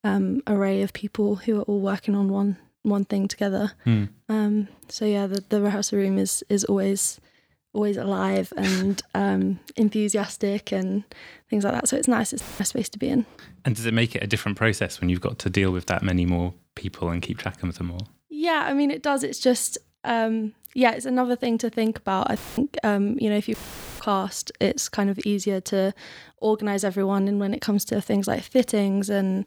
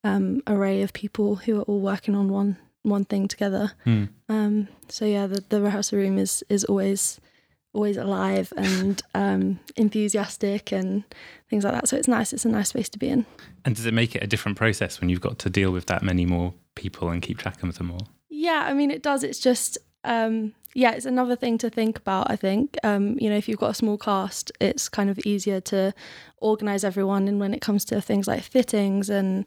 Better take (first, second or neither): second